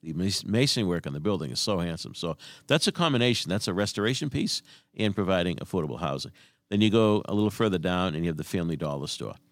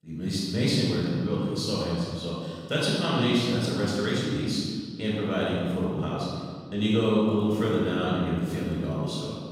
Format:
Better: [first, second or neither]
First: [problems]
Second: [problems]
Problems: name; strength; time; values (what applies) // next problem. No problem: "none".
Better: first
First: none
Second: room echo; strong; dies away in 1.7 s // off-mic speech; far